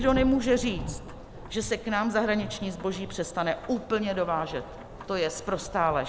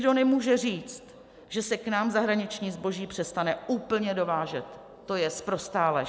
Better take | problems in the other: second | background sound (Rain / Thunderstorm); 11 dB below the speech

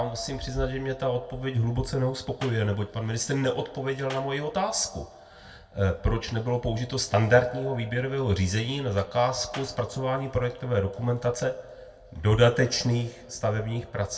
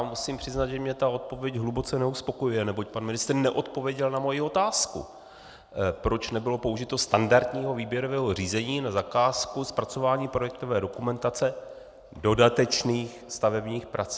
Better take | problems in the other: second | background sound (Clapping); 19 dB below the speech // room echo; dies away in 0.2 s

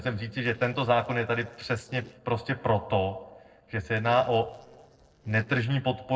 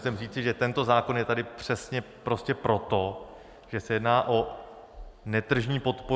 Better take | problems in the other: second | noise reduction (neural separator model SepFormer DNS4)

